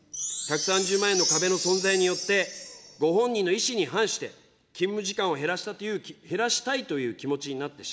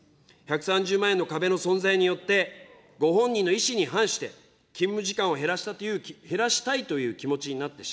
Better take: second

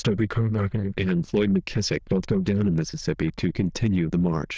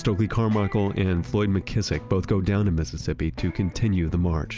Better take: second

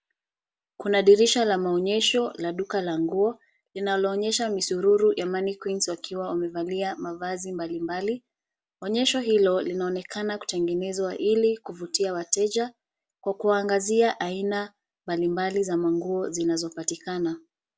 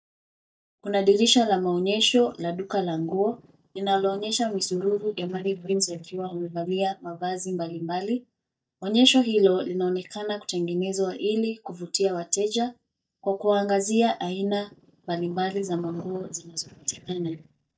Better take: first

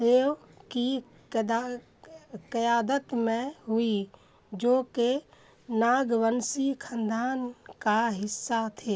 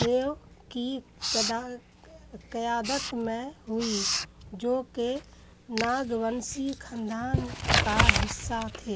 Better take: first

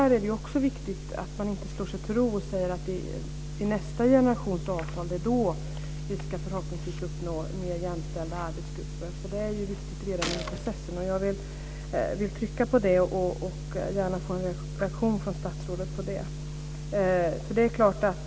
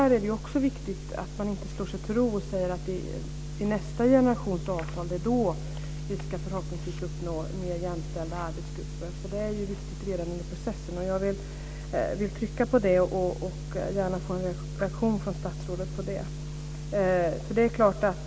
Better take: second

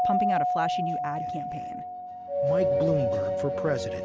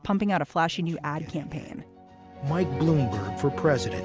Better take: second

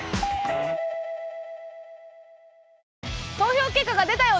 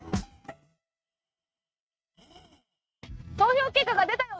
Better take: first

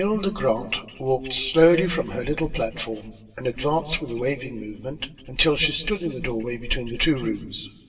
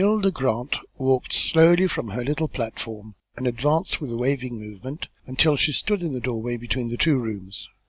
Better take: second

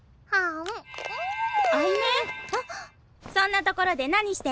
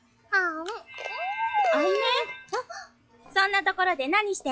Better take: first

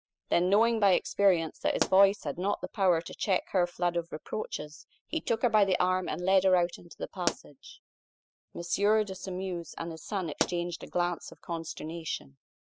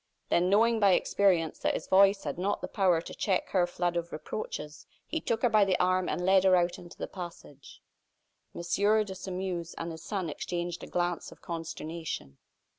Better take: second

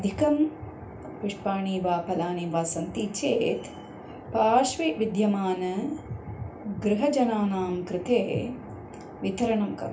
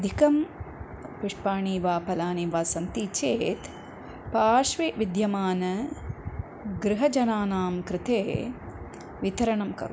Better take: second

